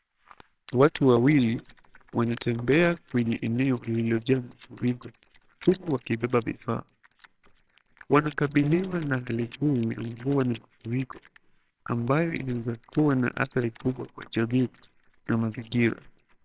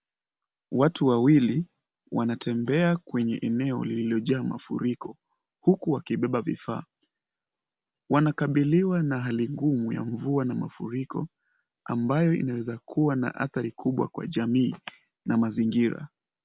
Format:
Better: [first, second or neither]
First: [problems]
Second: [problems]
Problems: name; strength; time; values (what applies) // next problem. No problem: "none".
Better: second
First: noise reduction (neural separator model SepFormer WHAMR!)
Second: none